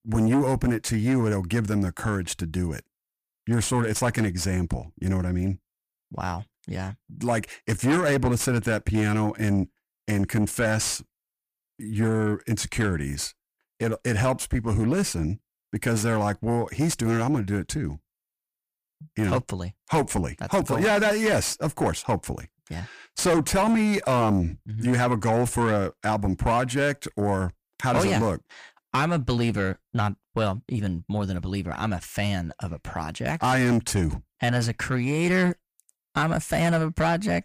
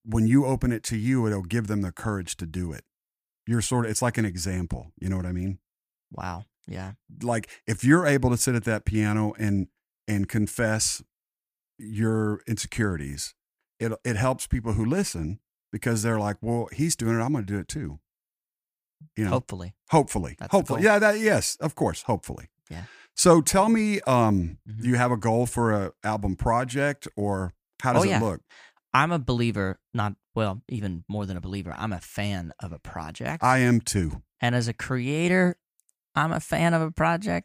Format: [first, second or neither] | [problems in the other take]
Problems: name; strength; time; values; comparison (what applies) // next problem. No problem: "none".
second | distortion; heavy; 7 dB below the speech